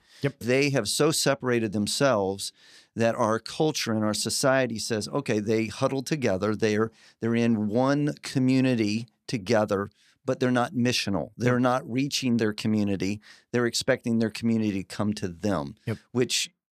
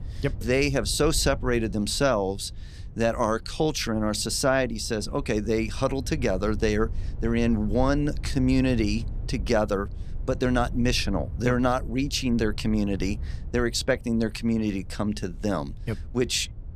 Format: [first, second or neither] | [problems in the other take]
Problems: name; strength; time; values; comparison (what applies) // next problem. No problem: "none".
first | wind noise on the microphone; occasional gusts; 25 dB below the speech